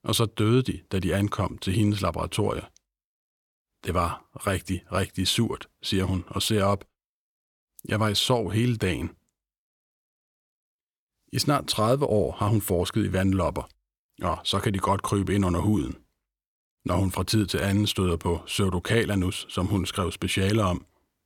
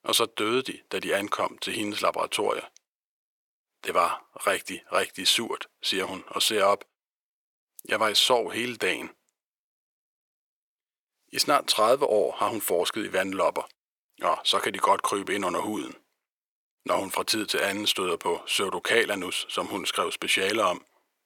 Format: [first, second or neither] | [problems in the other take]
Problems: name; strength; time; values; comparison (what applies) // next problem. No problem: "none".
first | thin; very; fading below 550 Hz